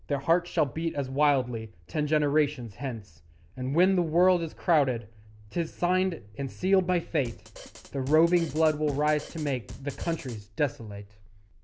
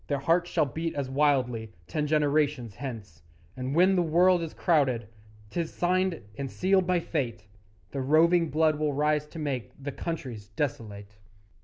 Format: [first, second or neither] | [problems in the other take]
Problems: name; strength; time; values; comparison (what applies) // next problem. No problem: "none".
second | background sound (Drum kit); 16 dB below the speech